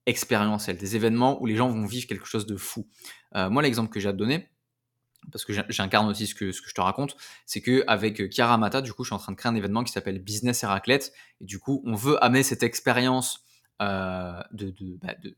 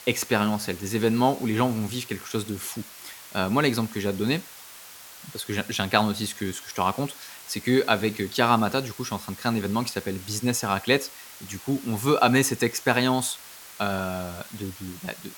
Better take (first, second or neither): first